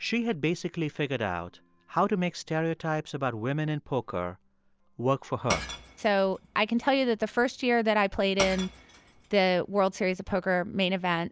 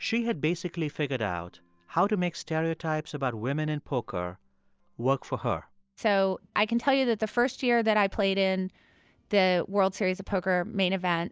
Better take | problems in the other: second | background sound (Shatter / Crushing); 13 dB below the speech

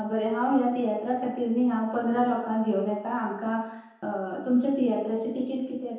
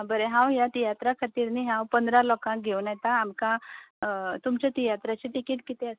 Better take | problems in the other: second | room echo; dies away in 1 s

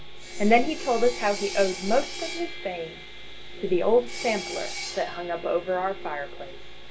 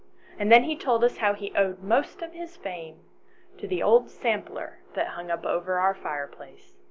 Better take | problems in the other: second | background sound (Sawing); 13 dB below the speech // room echo; dies away in 0.2 s

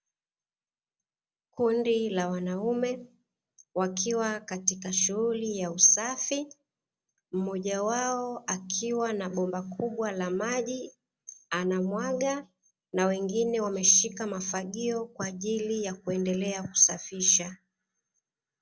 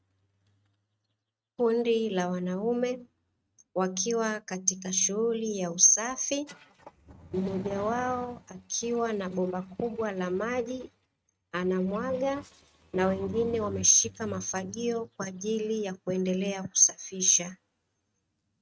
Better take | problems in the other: first | noise reduction (neural mask model RNNoise)

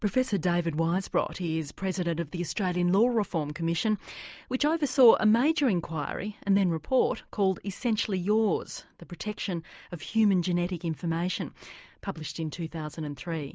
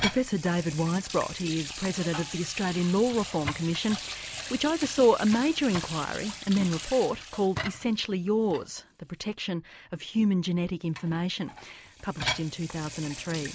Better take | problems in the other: first | background sound (Sink (filling or washing) / Water tap, faucet); 10 dB below the speech

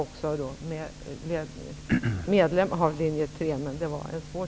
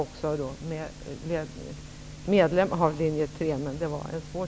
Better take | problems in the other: second | background sound (Cough); 2 dB above the speech

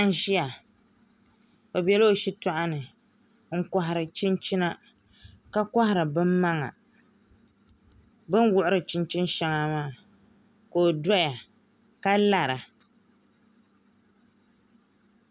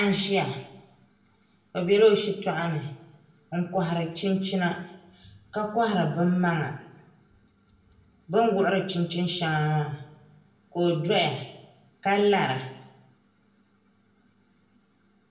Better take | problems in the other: first | room echo; dies away in 0.7 s

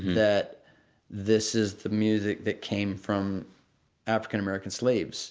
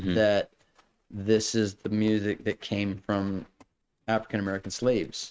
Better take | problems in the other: first | noise reduction (neural mask model RNNoise)

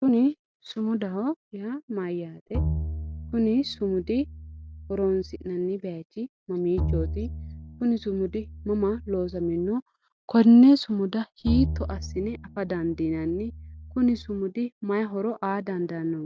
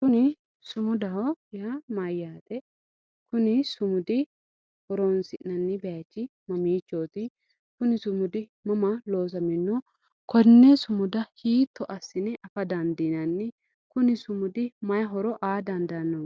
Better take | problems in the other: second | background sound (Bowed string instrument); 7 dB below the speech

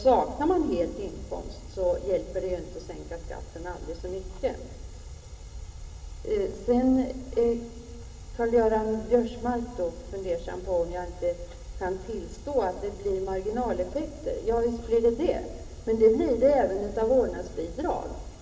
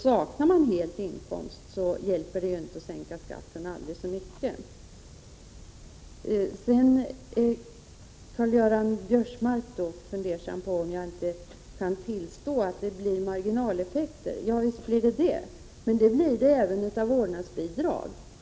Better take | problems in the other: second | room echo; dies away in 1.8 s

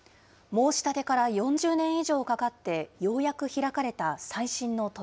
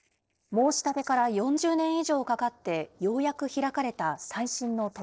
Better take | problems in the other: first | noise reduction (neural separator model SepFormer DNS4)

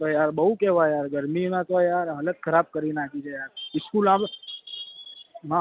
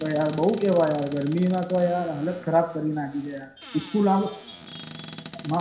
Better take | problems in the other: first | background sound (Squeak / Cupboard open or close); 17 dB below the speech // room echo; dies away in 0.5 s

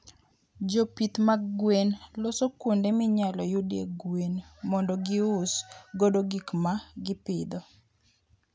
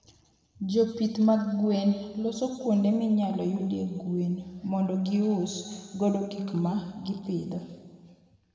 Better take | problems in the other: first | room echo; dies away in 1.7 s

